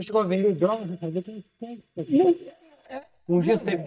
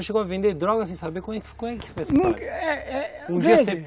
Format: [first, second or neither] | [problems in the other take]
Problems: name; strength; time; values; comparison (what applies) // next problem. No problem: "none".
second | noise reduction (neural mask model DeepFilterNet 3)